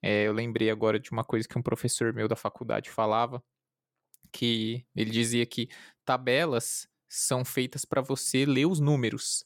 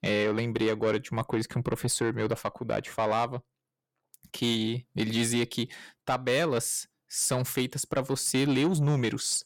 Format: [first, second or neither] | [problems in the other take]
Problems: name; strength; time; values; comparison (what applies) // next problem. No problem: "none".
first | distortion; slight; 10 dB below the speech